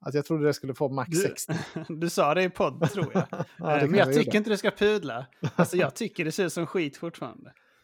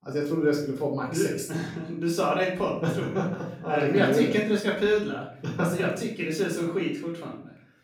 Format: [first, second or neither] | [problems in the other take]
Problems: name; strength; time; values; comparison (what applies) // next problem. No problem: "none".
first | off-mic speech; far // room echo; noticeable; dies away in 0.5 s